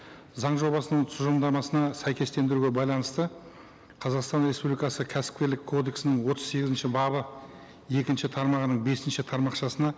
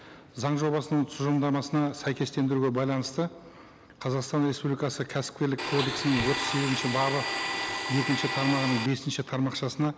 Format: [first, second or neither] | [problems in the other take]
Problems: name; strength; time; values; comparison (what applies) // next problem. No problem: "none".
first | background sound (Domestic sounds, home sounds); 3 dB below the speech